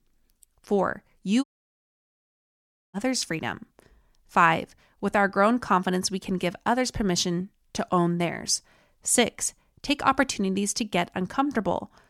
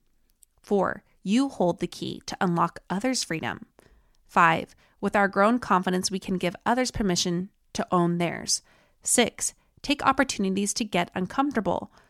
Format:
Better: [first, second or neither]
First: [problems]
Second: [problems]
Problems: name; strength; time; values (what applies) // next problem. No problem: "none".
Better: second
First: audio cutting out; at 1.5 s for 1.5 s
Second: none